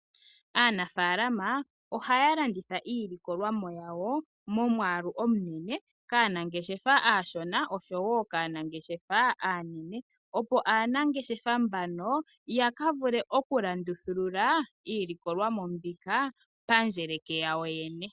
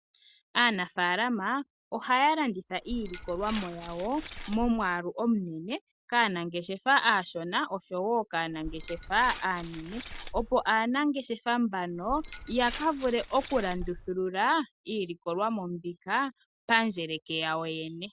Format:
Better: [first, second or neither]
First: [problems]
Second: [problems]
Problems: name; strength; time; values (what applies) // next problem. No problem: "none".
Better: first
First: none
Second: background sound (Glass); 12 dB below the speech